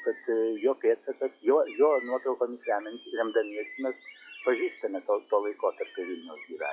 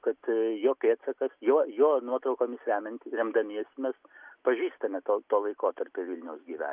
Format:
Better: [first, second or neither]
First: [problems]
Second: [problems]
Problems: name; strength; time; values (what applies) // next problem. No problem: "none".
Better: second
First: noise reduction (classical method log-MMSE)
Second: none